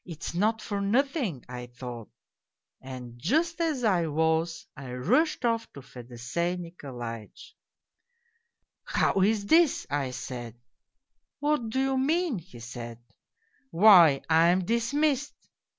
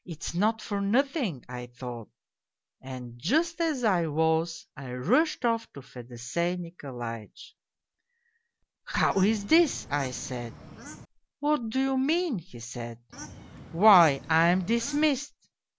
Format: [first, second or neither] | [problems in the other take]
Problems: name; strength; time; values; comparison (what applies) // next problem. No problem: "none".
first | background sound (Bird / Fowl); 15 dB below the speech